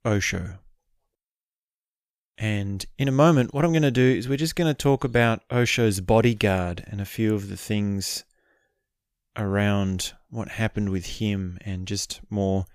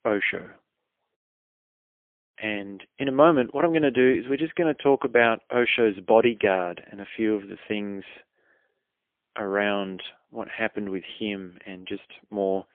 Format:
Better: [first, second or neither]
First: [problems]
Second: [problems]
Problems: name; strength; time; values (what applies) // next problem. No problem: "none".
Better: first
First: none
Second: phone-call audio; poor line; nothing above 3.5 kHz